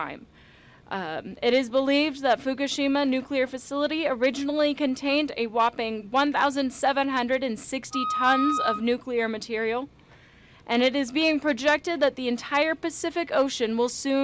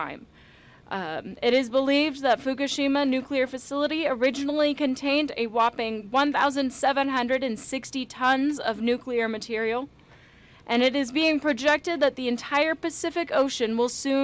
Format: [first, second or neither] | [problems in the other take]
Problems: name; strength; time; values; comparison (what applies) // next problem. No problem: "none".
second | background sound (Wind instrument, woodwind instrument); 3 dB below the speech